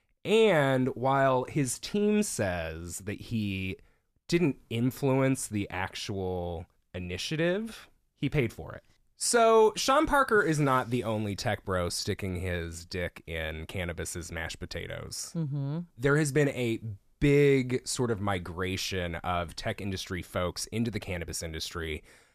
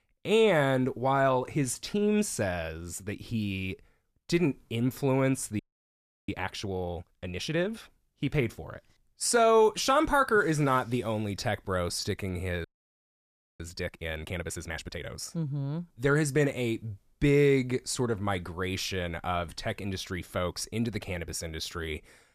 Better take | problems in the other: first | audio freezing; at 5.5 s for 0.5 s and at 13 s for 1 s

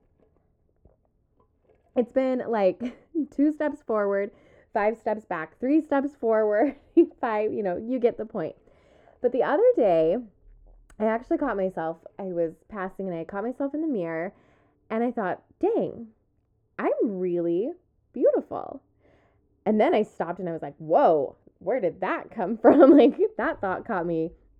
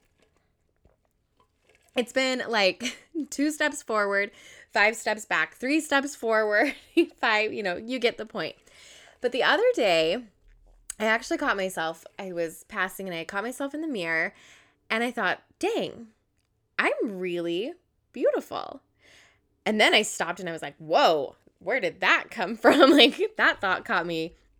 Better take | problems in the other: second | muffled; very; fading above 2 kHz

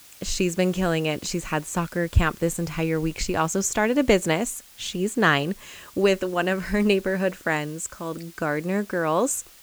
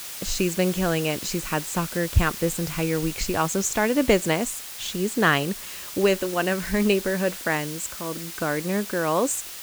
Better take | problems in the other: first | hiss; loud; throughout; 9 dB below the speech; faint in the first

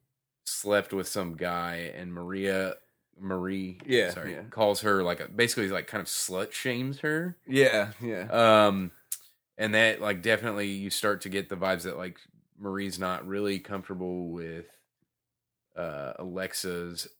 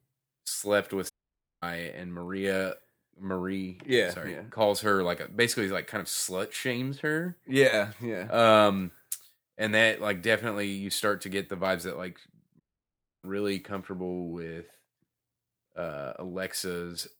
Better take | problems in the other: first | audio cutting out; at 1 s for 0.5 s and at 13 s for 0.5 s

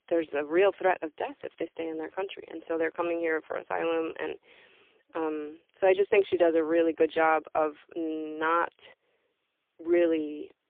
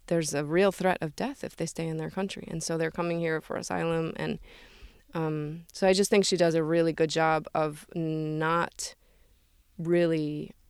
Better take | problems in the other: second | phone-call audio; poor line

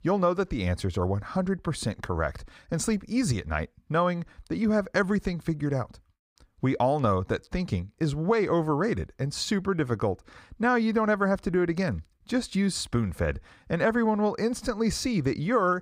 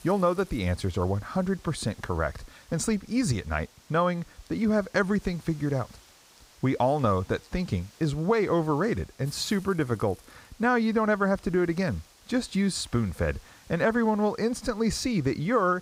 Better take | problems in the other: first | hiss; faint; throughout; 25 dB below the speech

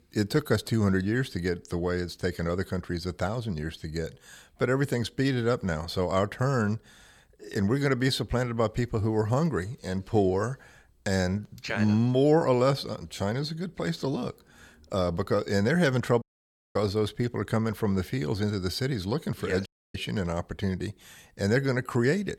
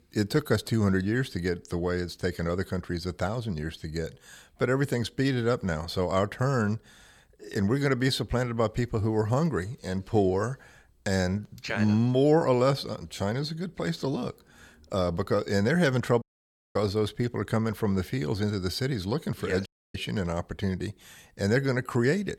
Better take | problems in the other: neither | audio cutting out; at 16 s for 0.5 s and at 20 s; the same in both

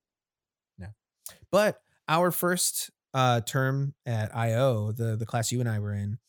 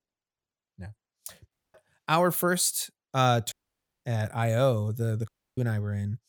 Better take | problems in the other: first | audio cutting out; at 1.5 s, at 3.5 s for 0.5 s and at 5.5 s

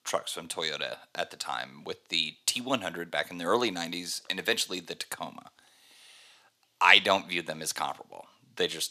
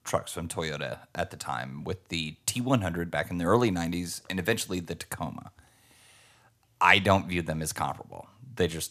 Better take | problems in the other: second | thin; somewhat; fading below 300 Hz

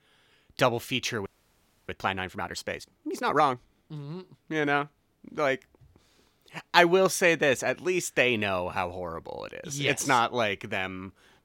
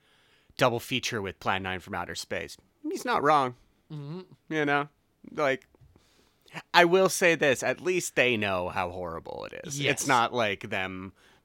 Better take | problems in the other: second | audio freezing; at 1.5 s for 0.5 s

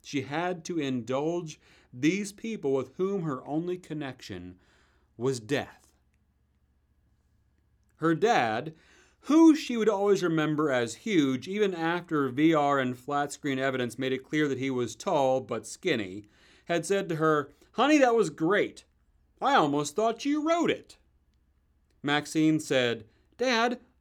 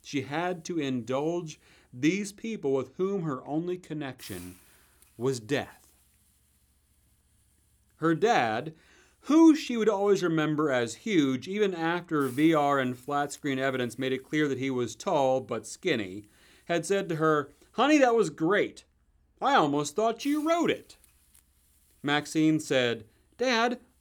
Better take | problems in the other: first | hiss; faint; throughout; 30 dB below the speech

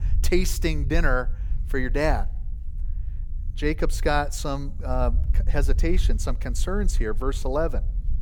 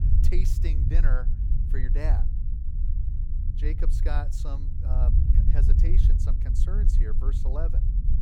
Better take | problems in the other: first | low rumble; loud; throughout; 3 dB below the speech; faint in the first

